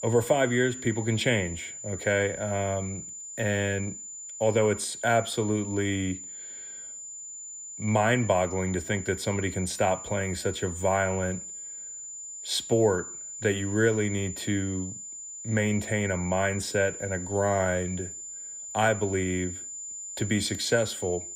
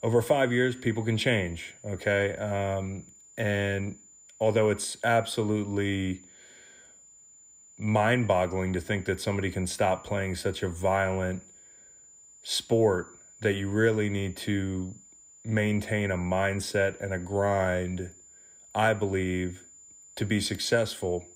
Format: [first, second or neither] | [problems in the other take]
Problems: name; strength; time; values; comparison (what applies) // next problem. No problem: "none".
second | high-pitched whine; loud; throughout; 7 kHz, 9 dB below the speech; faint in the second